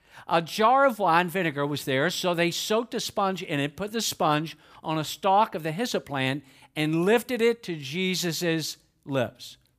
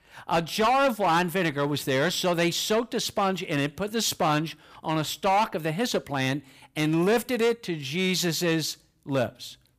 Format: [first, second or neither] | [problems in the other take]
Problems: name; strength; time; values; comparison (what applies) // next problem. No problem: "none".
first | distortion; slight; 7% of the sound clipped